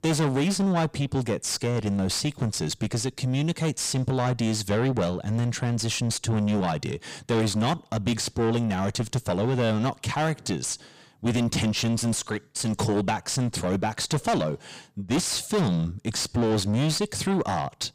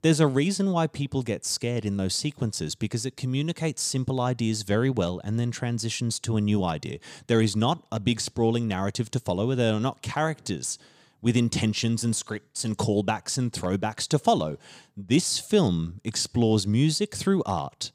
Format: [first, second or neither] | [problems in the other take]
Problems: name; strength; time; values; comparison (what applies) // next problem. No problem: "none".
second | distortion; heavy; 6 dB below the speech